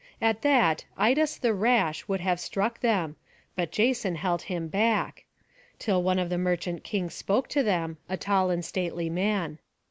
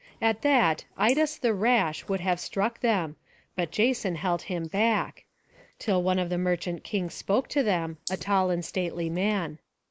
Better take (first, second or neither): first